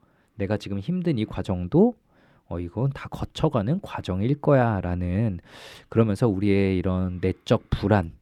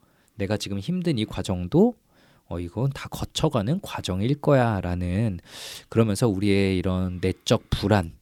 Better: second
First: muffled; slightly; fading above 3.5 kHz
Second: none

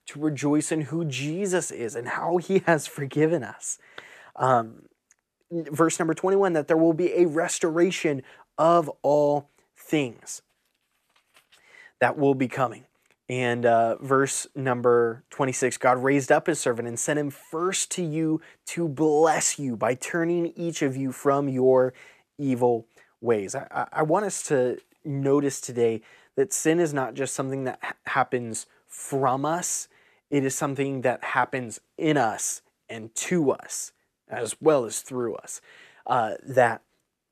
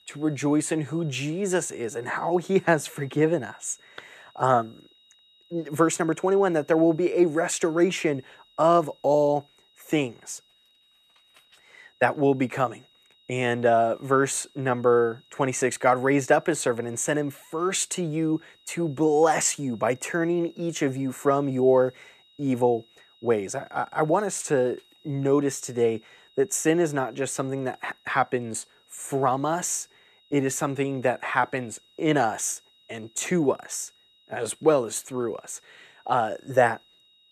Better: first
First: none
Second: high-pitched whine; faint; throughout; 4 kHz, 30 dB below the speech

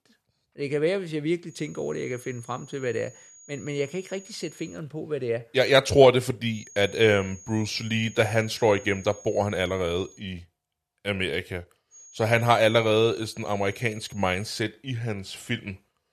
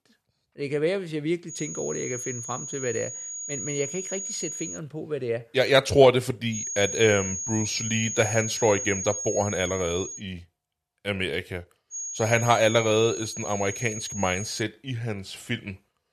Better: first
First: high-pitched whine; faint; from 1.5 to 5 s, from 6.5 to 10 s and from 12 to 15 s; 6.5 kHz, 20 dB below the speech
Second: high-pitched whine; loud; from 1.5 to 5 s, from 6.5 to 10 s and from 12 to 15 s; 6.5 kHz, 6 dB below the speech

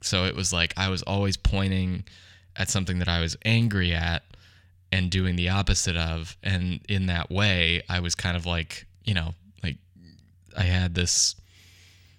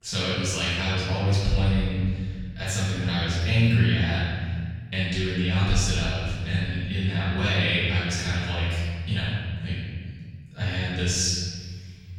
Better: first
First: none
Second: room echo; strong; dies away in 1.8 s // off-mic speech; far

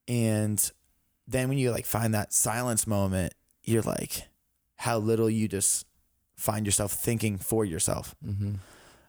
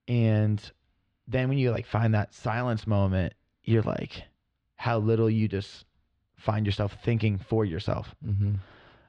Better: first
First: none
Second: muffled; very; fading above 4 kHz

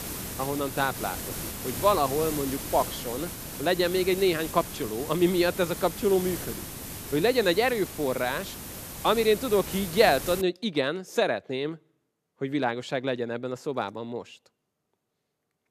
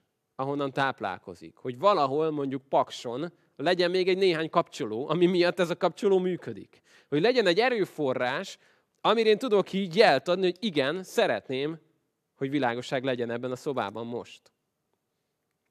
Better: second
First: hiss; loud; until 10 s; 9 dB below the speech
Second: none

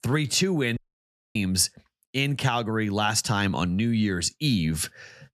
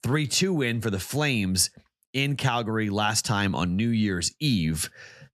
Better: second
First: audio cutting out; at 1 s for 0.5 s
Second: none

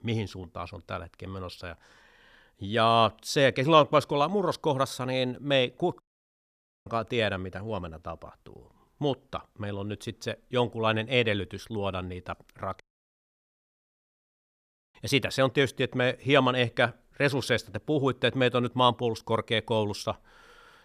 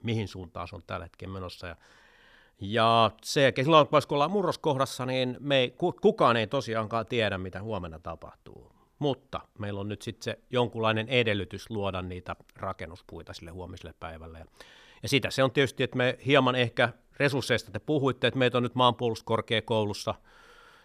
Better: second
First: audio cutting out; at 6 s for 1 s and at 13 s for 2 s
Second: none

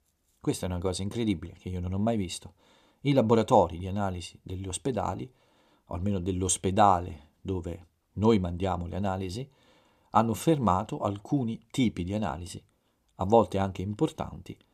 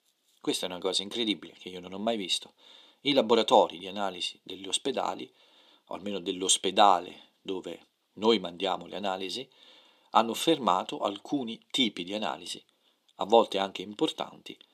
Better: first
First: none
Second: thin; very slightly; fading below 250 Hz

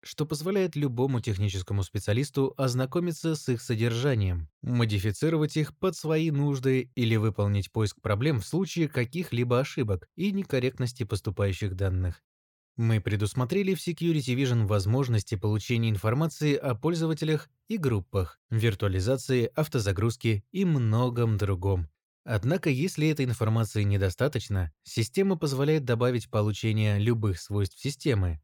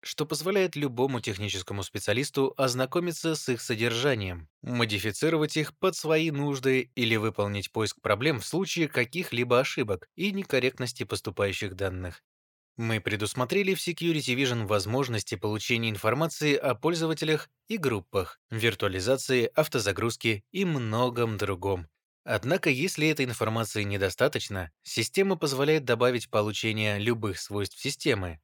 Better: first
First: none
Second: thin; somewhat; fading below 850 Hz

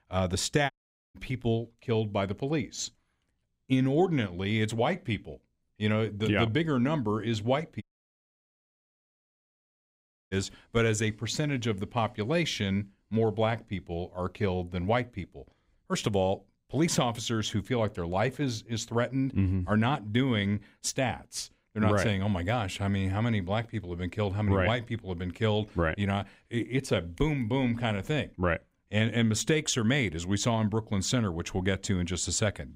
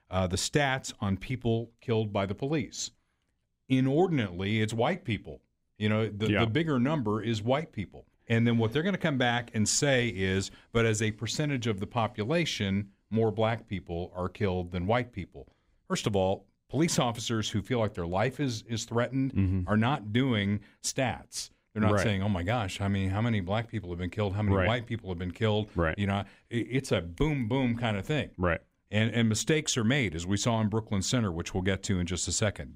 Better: second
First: audio cutting out; at 0.5 s and at 8 s for 2.5 s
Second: none

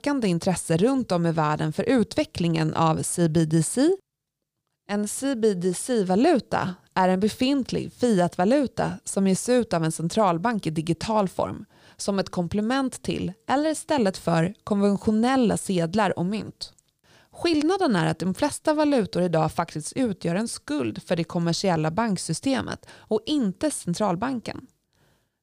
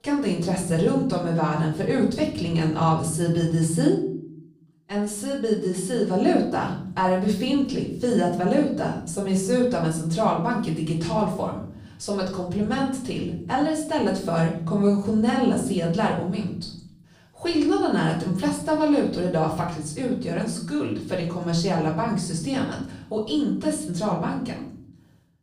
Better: first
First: none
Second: off-mic speech; far // room echo; noticeable; dies away in 0.7 s

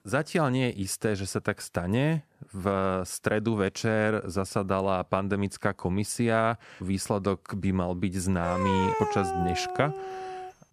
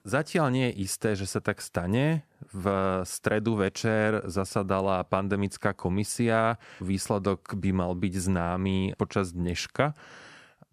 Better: second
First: dog barking; loud; from 8.5 s on; peak 1 dB above the speech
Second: none

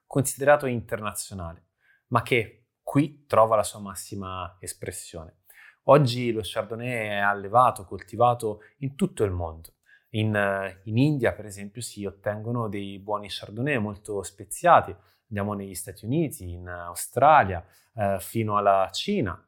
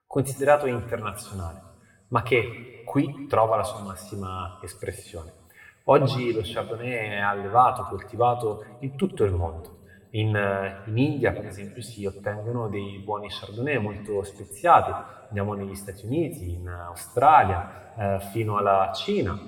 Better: first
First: none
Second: room echo; slight; dies away in 1.8 s

